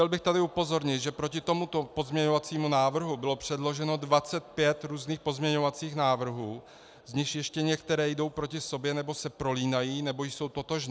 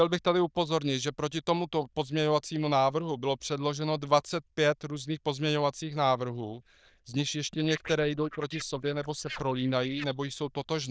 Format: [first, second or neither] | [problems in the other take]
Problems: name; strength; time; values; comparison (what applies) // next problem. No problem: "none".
first | noise reduction (neural diffusion model UNIVERSE++)